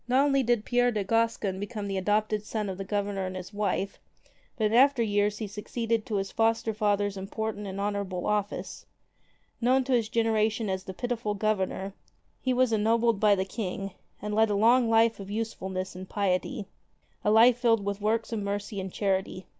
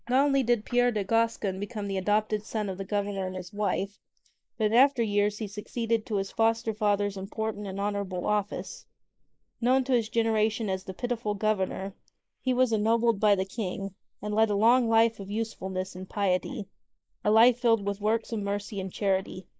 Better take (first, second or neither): first